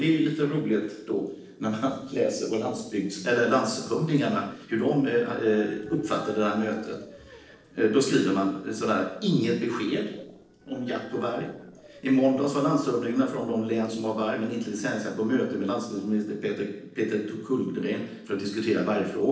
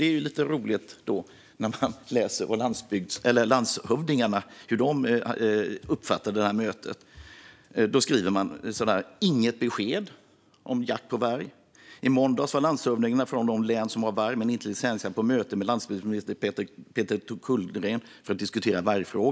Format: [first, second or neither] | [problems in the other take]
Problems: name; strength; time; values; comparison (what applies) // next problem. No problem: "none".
second | noise reduction (neural separator model SepFormer DNS4)